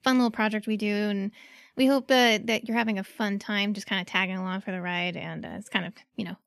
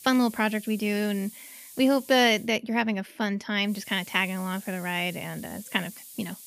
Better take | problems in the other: first | hiss; noticeable; until 2.5 s and from 3.5 s on; 15 dB below the speech

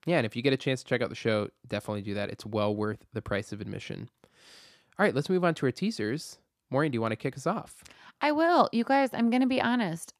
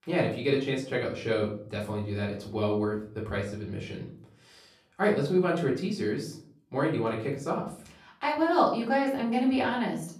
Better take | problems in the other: first | off-mic speech; far // room echo; slight; dies away in 0.4 s

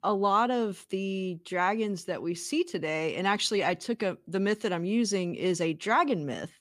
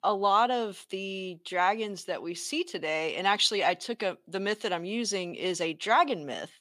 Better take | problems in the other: first | thin; somewhat; fading below 850 Hz

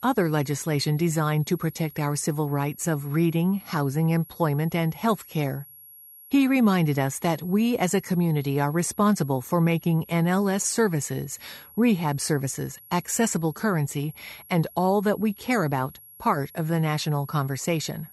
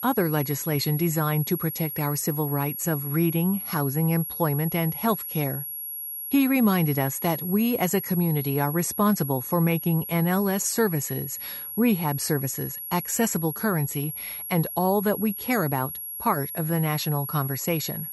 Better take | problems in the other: first | high-pitched whine; loud; throughout; 11.5 kHz, 6 dB below the speech; faint in the first

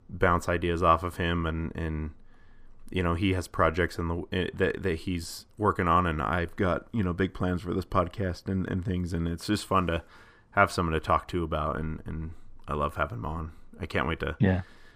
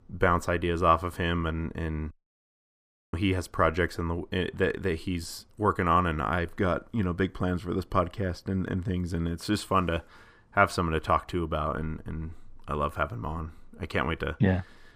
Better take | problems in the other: first | audio cutting out; at 2 s for 1 s

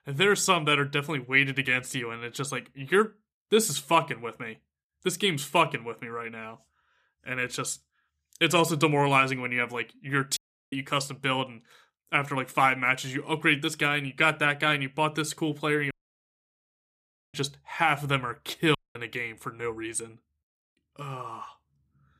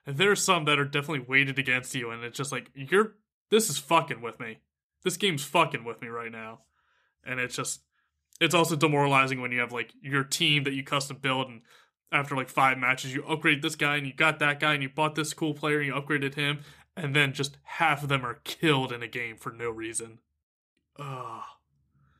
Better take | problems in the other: second | audio cutting out; at 10 s, at 16 s for 1.5 s and at 19 s

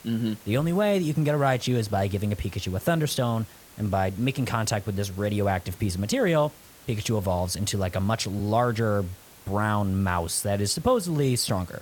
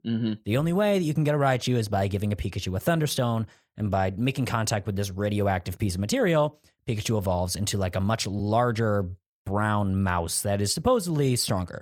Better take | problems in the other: second | hiss; faint; throughout; 20 dB below the speech

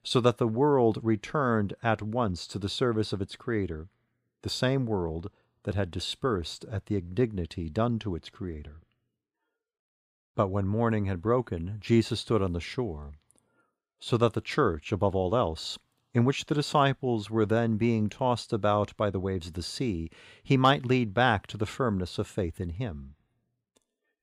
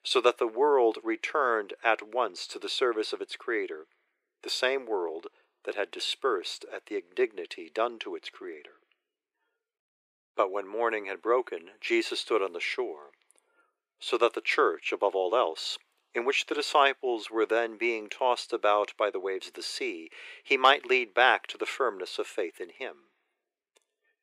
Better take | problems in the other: first | thin; very; fading below 350 Hz

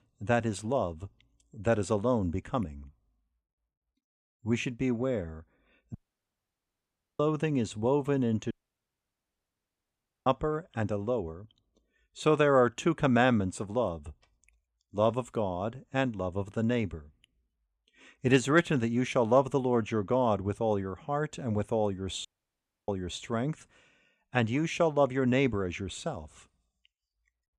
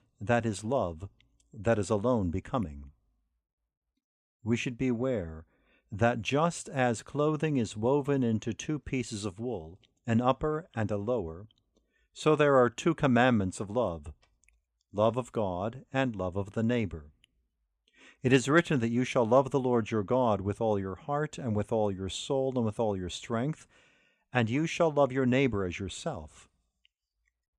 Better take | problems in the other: second | audio cutting out; at 6 s for 1 s, at 8.5 s for 2 s and at 22 s for 0.5 s

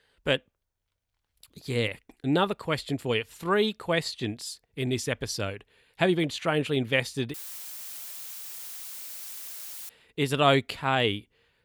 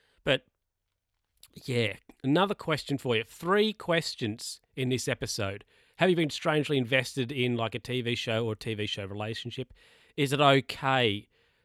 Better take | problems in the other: second | audio cutting out; filled with static; at 7.5 s for 2.5 s

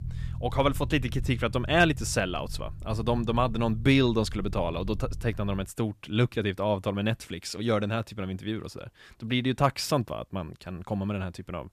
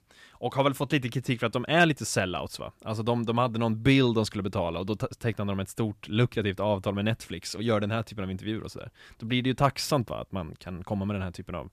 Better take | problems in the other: second | low rumble; faint; until 5.5 s; 25 dB below the speech

